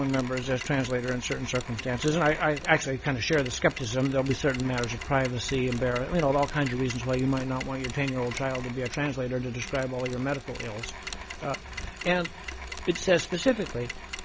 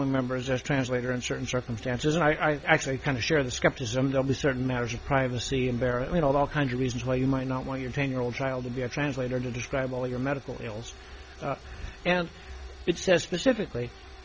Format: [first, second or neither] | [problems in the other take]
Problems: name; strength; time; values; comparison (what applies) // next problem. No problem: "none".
second | background sound (Mechanisms); 12 dB below the speech